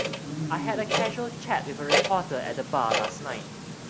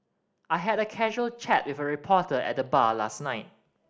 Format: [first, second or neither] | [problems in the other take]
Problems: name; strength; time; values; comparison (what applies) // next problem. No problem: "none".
second | background sound (Clock); 1 dB above the speech